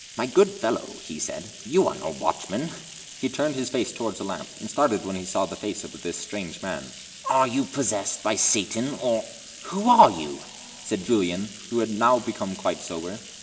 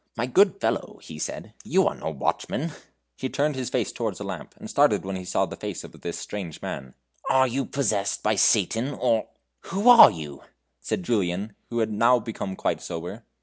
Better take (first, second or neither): second